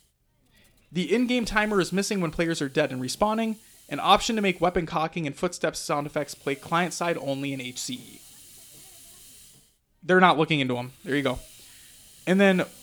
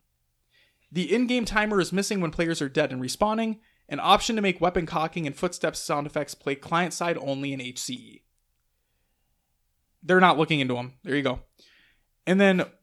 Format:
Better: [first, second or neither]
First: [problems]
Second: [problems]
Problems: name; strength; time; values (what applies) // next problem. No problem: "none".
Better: second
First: hiss; faint; throughout; 25 dB below the speech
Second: none